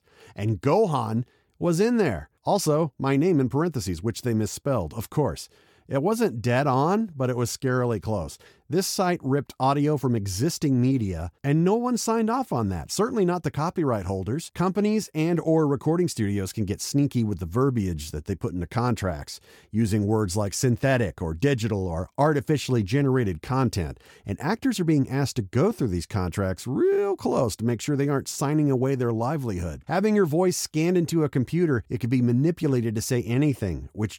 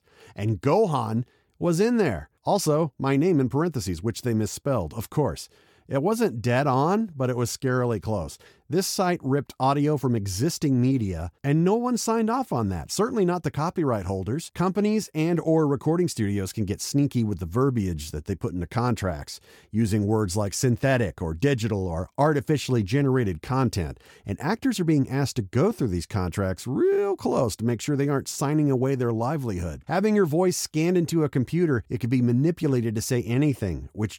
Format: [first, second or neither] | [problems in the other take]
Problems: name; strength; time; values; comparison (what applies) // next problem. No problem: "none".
neither | none